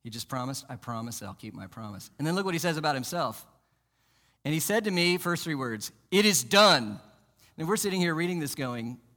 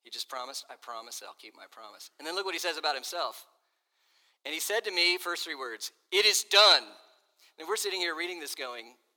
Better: first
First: none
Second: thin; very; fading below 400 Hz

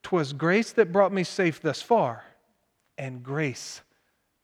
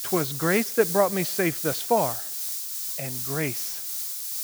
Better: first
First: none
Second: hiss; loud; throughout; 3 dB below the speech

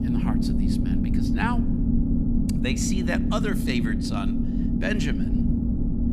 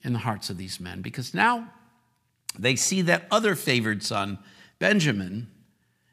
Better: second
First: low rumble; loud; throughout; 1 dB below the speech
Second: none

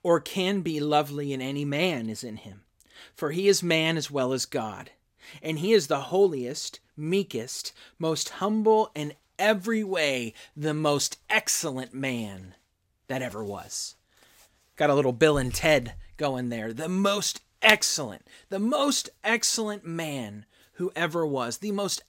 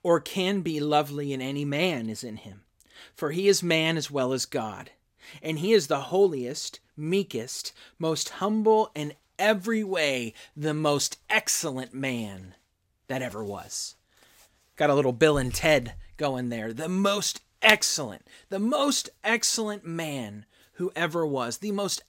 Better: neither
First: none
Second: none

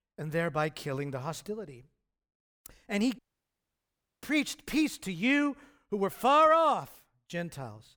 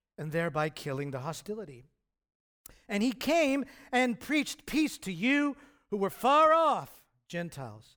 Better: second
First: audio cutting out; at 3 s for 1 s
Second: none

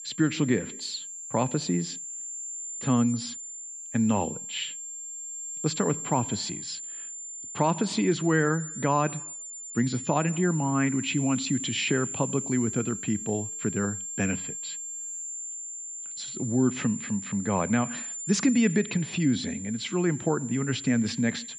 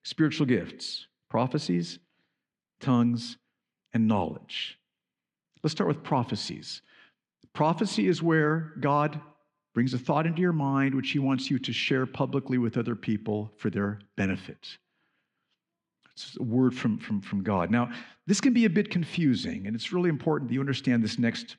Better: second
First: high-pitched whine; loud; throughout; 7 kHz, 7 dB below the speech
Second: none

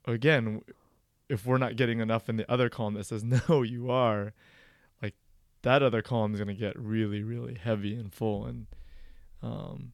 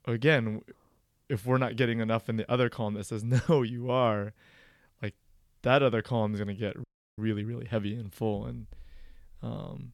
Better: first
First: none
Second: audio freezing; at 7 s

